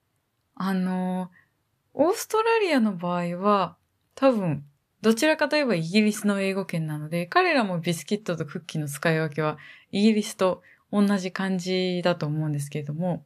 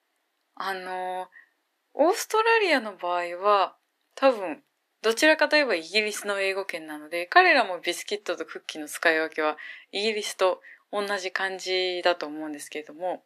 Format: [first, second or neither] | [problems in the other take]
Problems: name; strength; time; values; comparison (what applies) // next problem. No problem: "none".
first | thin; very; fading below 300 Hz